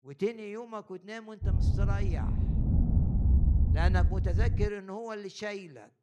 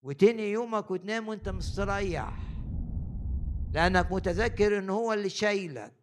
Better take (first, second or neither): second